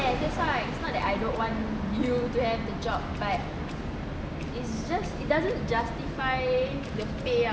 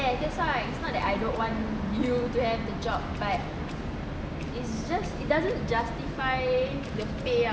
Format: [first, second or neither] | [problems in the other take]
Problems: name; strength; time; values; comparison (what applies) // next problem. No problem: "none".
second | background sound (Thunder); 15 dB below the speech